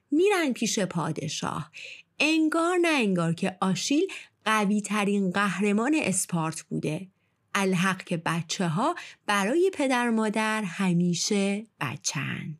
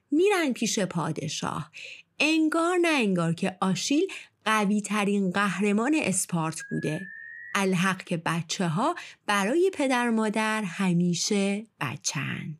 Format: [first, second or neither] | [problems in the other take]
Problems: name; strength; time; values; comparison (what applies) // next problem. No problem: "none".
first | alarm; faint; at 6.5 s; peak 15 dB below the speech